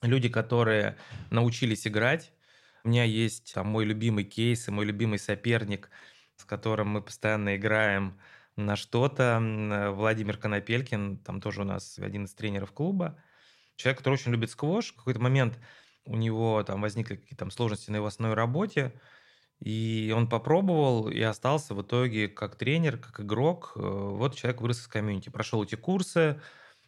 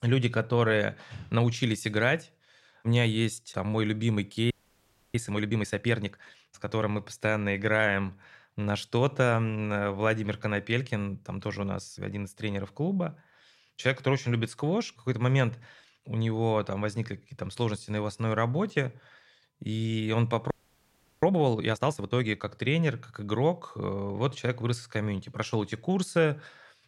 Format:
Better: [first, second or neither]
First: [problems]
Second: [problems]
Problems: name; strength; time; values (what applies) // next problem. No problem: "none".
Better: first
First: none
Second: audio freezing; at 4.5 s for 0.5 s and at 21 s for 0.5 s